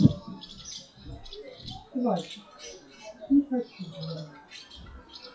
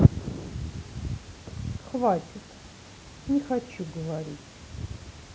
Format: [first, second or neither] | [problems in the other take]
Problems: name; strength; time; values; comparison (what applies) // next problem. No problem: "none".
second | noise reduction (classical method WPE with log-MMSE)